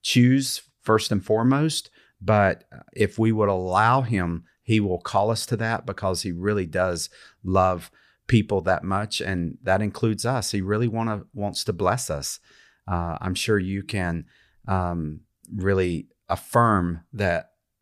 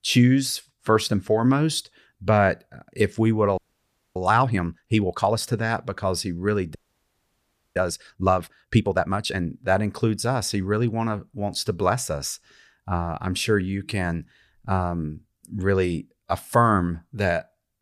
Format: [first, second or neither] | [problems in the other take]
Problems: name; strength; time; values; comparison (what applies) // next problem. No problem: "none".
first | audio freezing; at 3.5 s for 0.5 s and at 7 s for 1 s